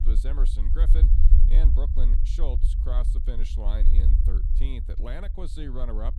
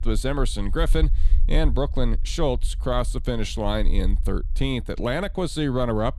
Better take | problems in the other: second | low rumble; loud; throughout; 4 dB below the speech; faint in the second

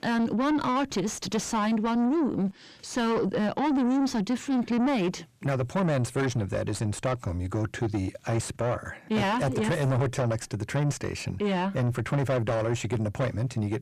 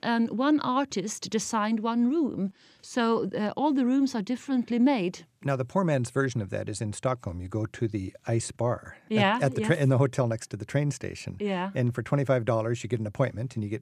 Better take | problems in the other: second | distortion; heavy; 7 dB below the speech

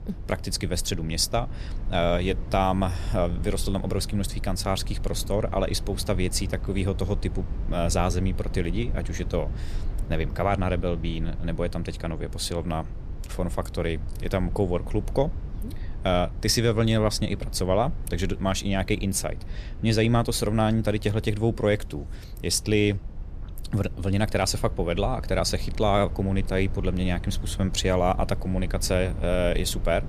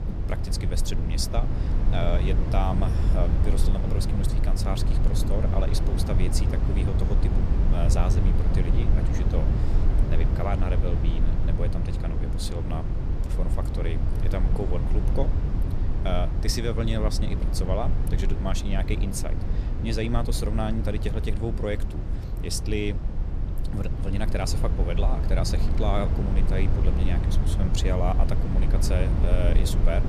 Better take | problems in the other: first | low rumble; loud; throughout; 5 dB below the speech; faint in the first

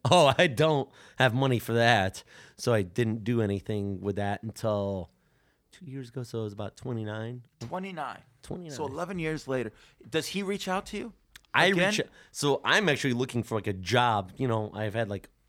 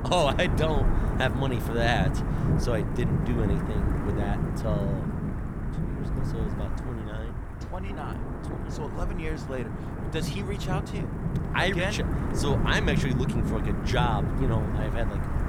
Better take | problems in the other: first | wind noise on the microphone; heavy; 6 dB below the speech

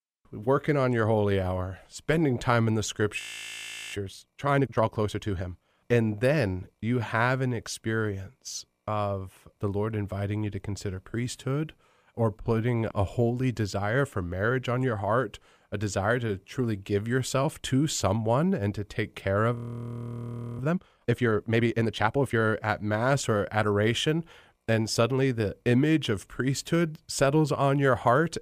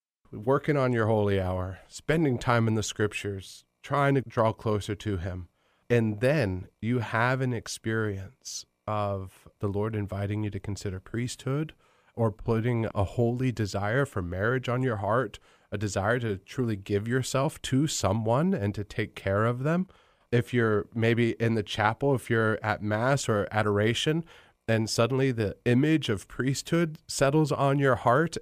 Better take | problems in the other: second | audio freezing; at 3 s for 0.5 s and at 20 s for 1 s

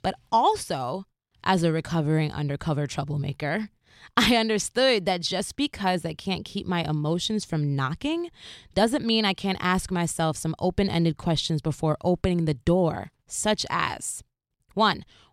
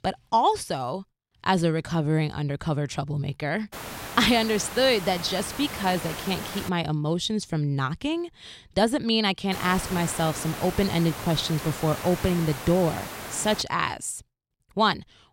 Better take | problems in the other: first | hiss; loud; from 3.5 to 6.5 s and from 9.5 to 14 s; 10 dB below the speech

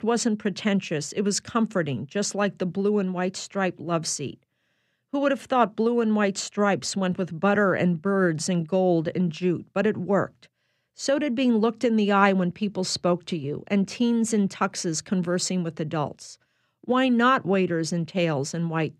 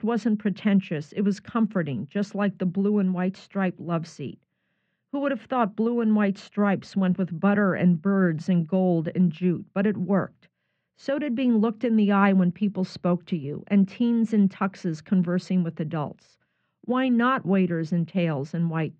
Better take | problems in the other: first | muffled; slightly; fading above 2.5 kHz

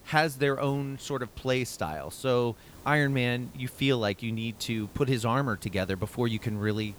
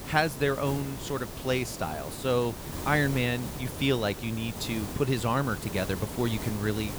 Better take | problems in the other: first | hiss; loud; throughout; 8 dB below the speech; faint in the first

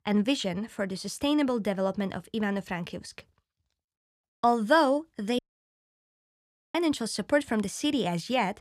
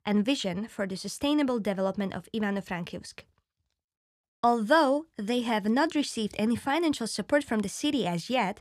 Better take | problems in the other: second | audio cutting out; at 5.5 s for 1.5 s

